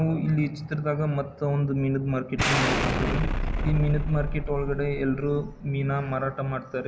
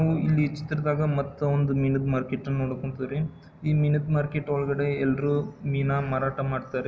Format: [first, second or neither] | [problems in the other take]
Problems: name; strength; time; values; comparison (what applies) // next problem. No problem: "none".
second | background sound (Explosion); 1 dB below the speech